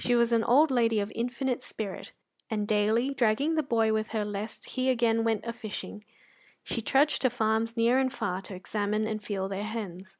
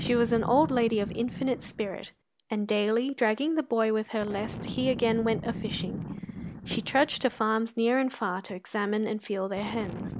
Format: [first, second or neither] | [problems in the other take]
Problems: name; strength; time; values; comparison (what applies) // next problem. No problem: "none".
first | background sound (Boom); 11 dB below the speech